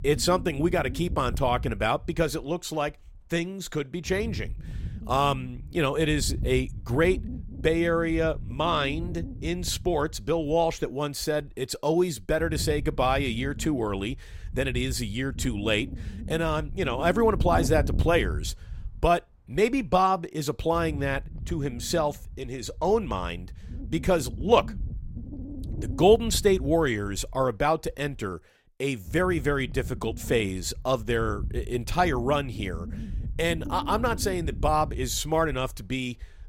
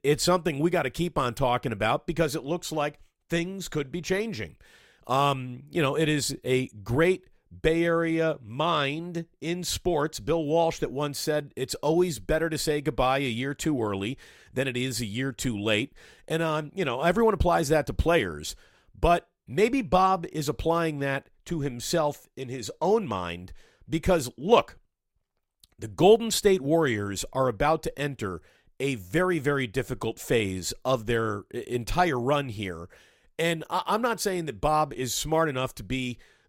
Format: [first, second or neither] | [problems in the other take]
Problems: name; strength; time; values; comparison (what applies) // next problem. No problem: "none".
second | wind noise on the microphone; occasional gusts; 20 dB below the speech